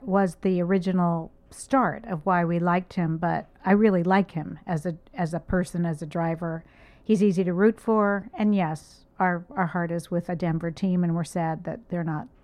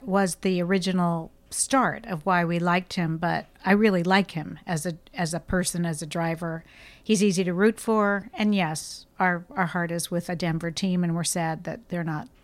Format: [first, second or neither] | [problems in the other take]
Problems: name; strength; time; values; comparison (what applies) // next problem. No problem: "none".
second | muffled; slightly; fading above 2 kHz